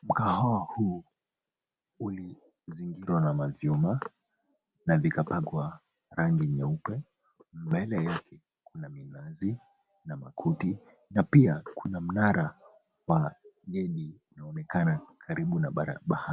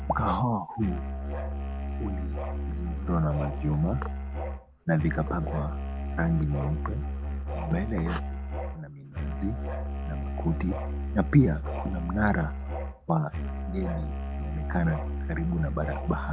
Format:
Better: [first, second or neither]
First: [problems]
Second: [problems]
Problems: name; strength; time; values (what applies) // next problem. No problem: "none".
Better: first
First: none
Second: background sound (Musical instrument); 2 dB below the speech